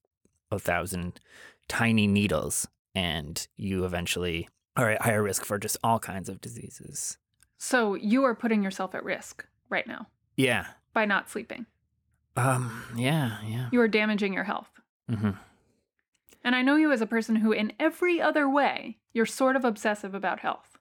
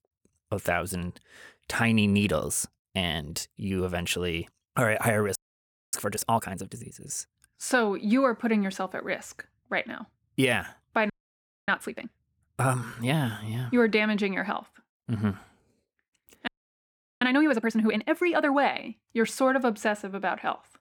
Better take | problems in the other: first | audio freezing; at 5.5 s for 0.5 s, at 11 s for 0.5 s and at 16 s for 0.5 s

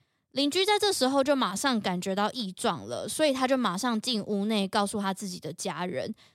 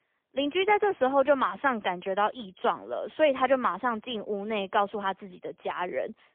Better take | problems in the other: first | phone-call audio; poor line; nothing above 3.5 kHz

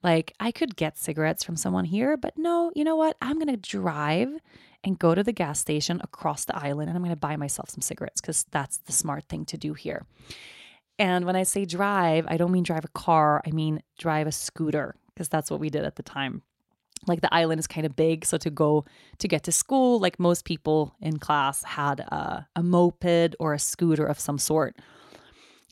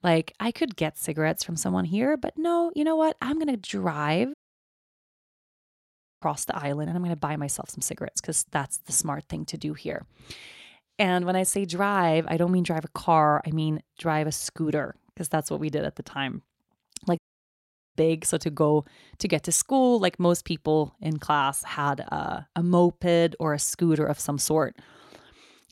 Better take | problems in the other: first | audio cutting out; at 4.5 s for 2 s and at 17 s for 1 s

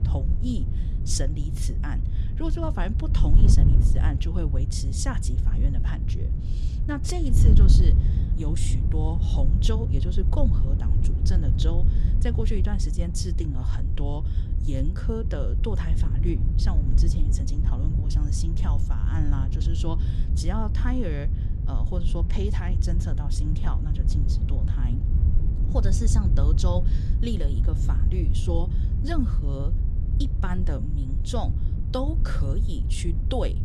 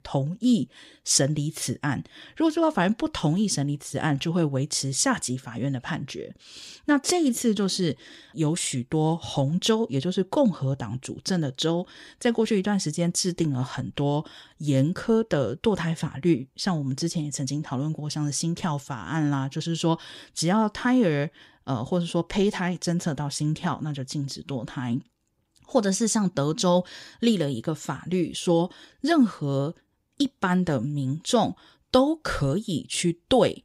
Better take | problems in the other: second | wind noise on the microphone; heavy; 4 dB below the speech

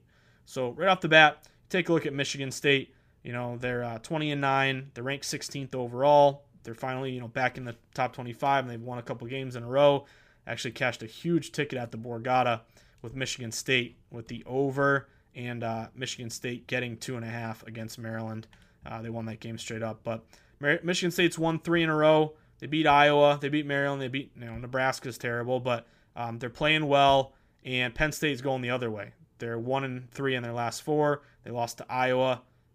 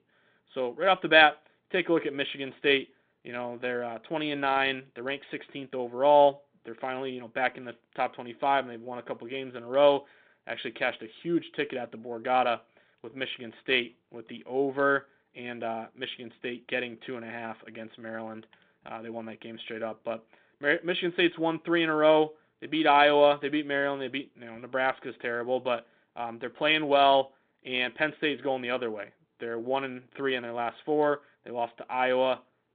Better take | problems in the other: first | phone-call audio

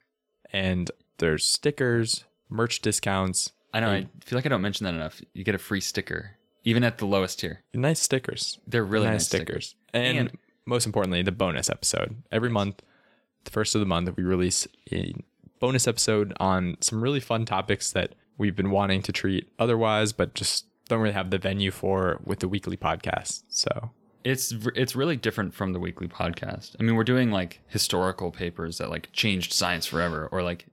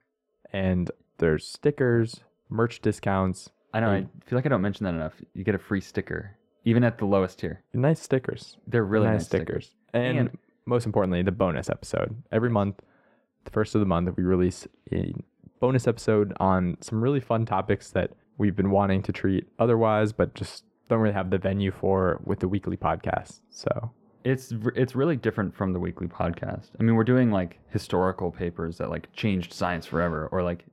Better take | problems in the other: first | muffled; very; fading above 2.5 kHz

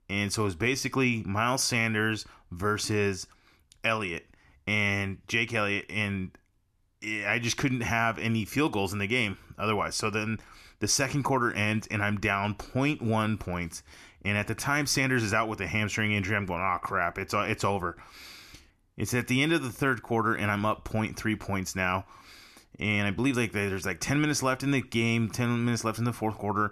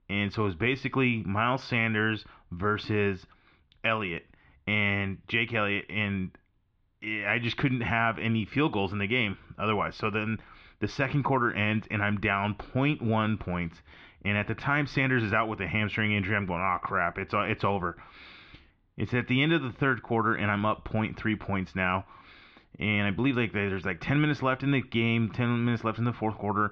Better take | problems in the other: first | muffled; very; fading above 3.5 kHz

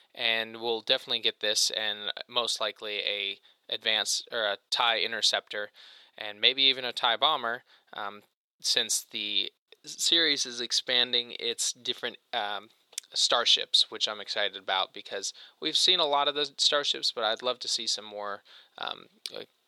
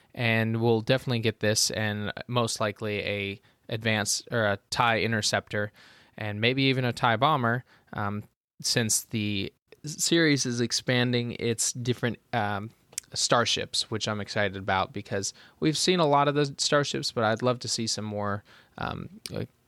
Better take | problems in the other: second | thin; very; fading below 500 Hz

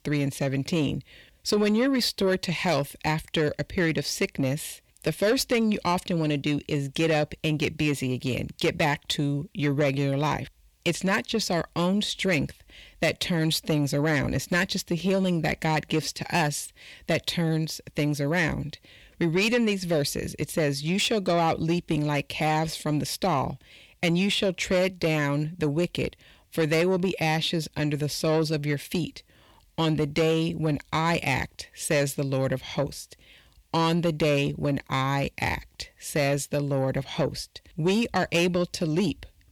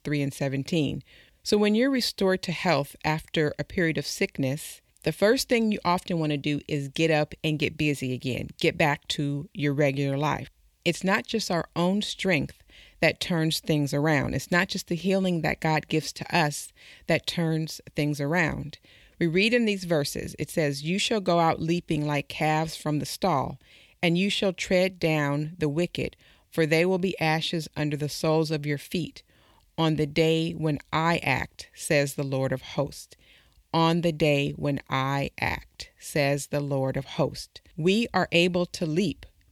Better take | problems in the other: second | distortion; slight; 10 dB below the speech

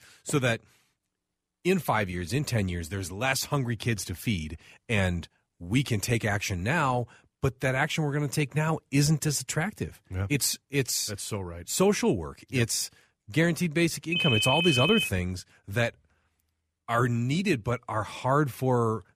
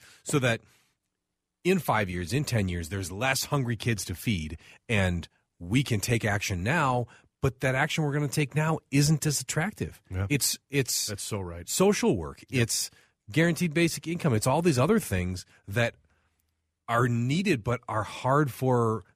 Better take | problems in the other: second | phone ringing; loud; at 14 s; peak 3 dB above the speech

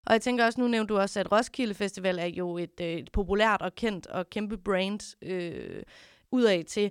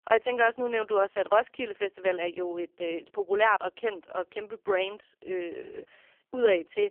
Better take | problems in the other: first | phone-call audio; poor line; nothing above 3 kHz

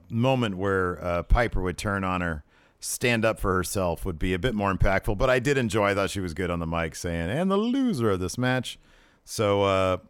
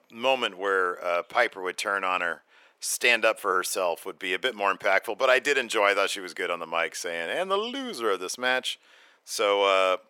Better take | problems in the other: first | thin; very; fading below 400 Hz

